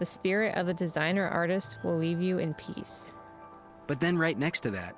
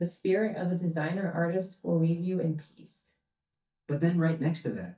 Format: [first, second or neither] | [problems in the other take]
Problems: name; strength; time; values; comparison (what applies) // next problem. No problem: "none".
first | noise reduction (neural mask model DeepFilterNet 3)